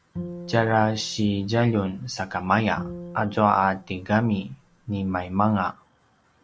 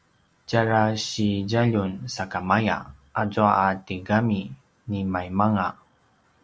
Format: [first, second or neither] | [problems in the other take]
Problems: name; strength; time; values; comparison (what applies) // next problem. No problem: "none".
second | background sound (Bowed string instrument); 16 dB below the speech